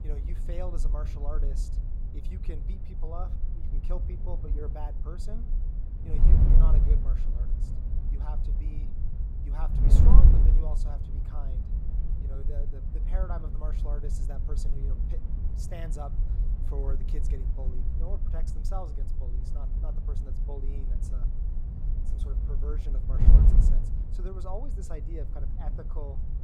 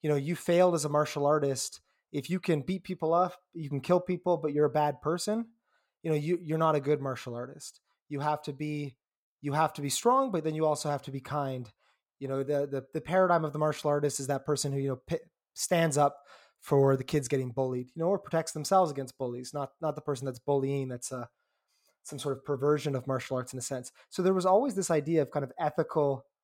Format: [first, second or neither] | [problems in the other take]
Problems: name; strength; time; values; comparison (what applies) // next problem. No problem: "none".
second | wind noise on the microphone; heavy; 1 dB below the speech